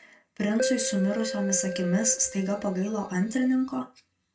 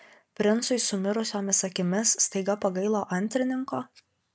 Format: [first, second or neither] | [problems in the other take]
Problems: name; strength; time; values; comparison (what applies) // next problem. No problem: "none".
second | background sound (Keyboard (musical)); 7 dB below the speech // room echo; dies away in 0.2 s